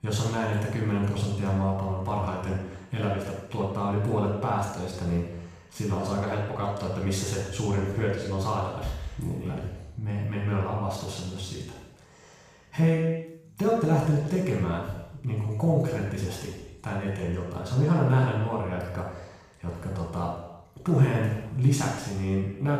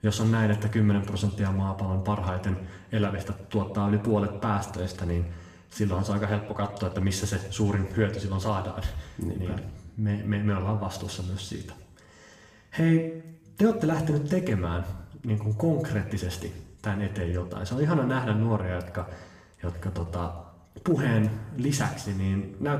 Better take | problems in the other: second | room echo; strong; dies away in 0.9 s; slight in the second // off-mic speech; far; somewhat distant in the second

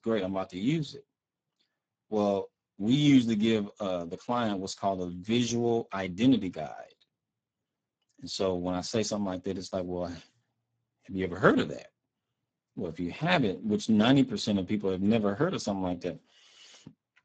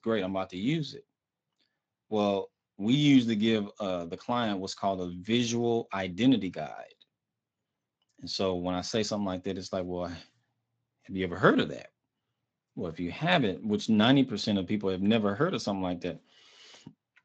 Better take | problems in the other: second | garbled, watery; badly; nothing above 7.5 kHz; slightly in the second

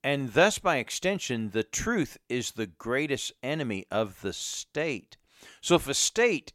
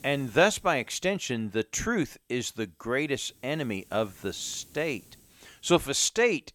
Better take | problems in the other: first | hiss; faint; throughout; 25 dB below the speech

